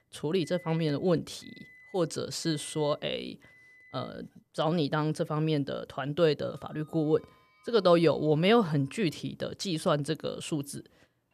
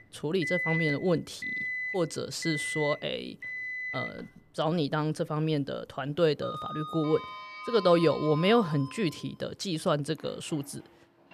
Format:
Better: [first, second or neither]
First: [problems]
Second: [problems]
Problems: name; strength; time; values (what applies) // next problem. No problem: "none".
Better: first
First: household noises; faint; throughout; 25 dB below the speech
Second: household noises; loud; throughout; 6 dB below the speech